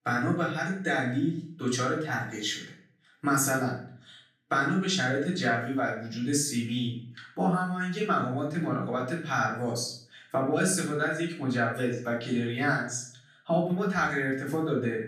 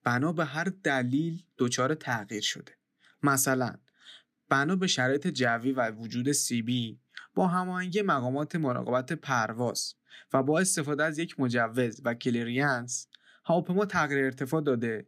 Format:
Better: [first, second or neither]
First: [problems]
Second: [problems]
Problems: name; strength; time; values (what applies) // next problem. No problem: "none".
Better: second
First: room echo; noticeable; dies away in 0.5 s // off-mic speech; far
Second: none